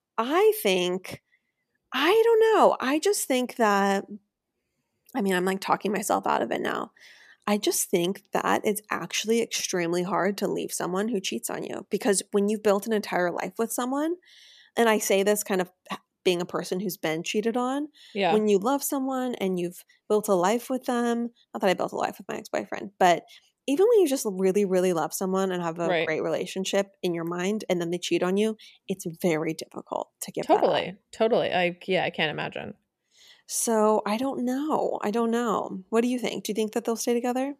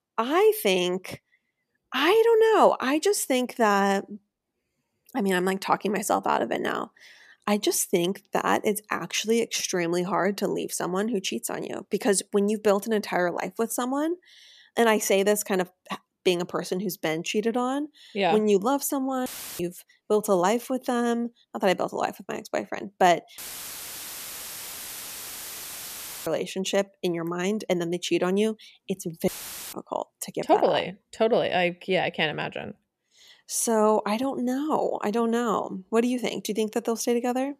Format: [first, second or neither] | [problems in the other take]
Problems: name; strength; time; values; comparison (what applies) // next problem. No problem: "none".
first | audio cutting out; filled with static; at 19 s, at 23 s for 3 s and at 29 s